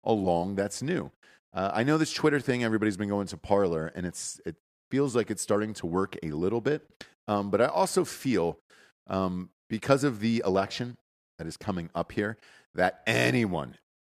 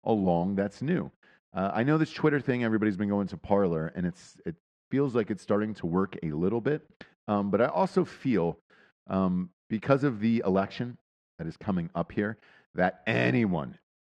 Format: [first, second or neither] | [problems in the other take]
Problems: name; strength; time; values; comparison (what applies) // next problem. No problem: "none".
first | muffled; slightly; fading above 3 kHz